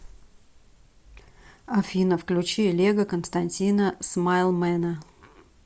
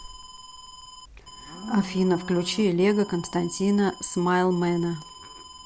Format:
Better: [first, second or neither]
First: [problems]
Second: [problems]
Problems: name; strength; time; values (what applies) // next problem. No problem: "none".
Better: first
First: none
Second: background sound (Livestock, farm animals, working animals + Alarm); 16 dB below the speech